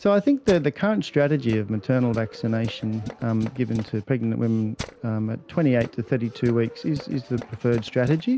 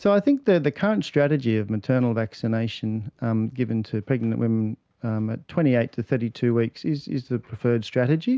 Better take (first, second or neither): second